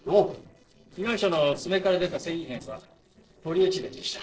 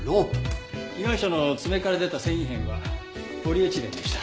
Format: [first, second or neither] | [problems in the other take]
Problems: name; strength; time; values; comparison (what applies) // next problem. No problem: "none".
second | noise reduction (neural separator model SepFormer DNS4)